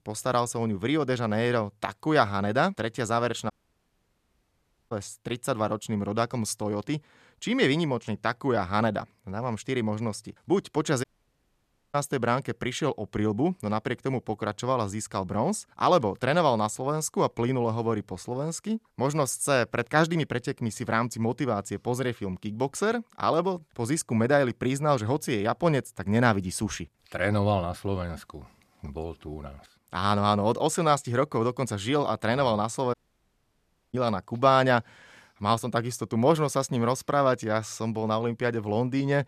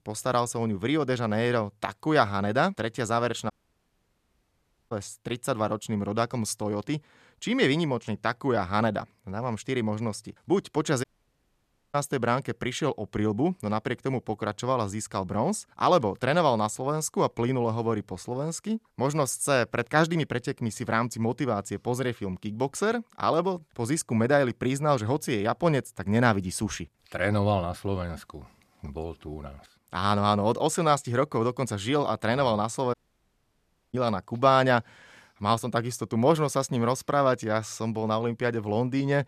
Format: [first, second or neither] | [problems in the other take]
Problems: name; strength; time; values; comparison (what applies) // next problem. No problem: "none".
neither | audio cutting out; at 3.5 s for 1.5 s, at 11 s for 1 s and at 33 s for 1 s; the same in both